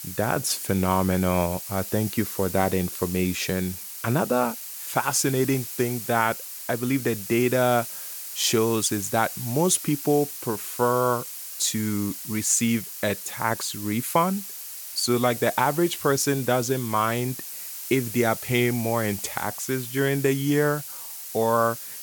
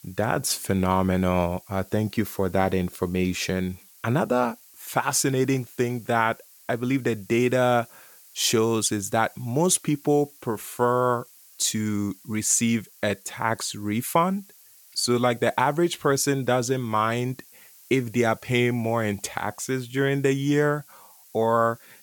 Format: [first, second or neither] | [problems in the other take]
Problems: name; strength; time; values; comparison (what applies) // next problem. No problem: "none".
second | hiss; loud; throughout; 9 dB below the speech; faint in the second